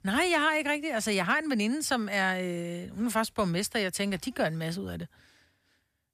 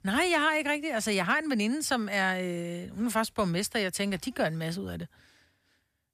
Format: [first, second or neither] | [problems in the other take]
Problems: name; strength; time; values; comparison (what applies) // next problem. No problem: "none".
neither | none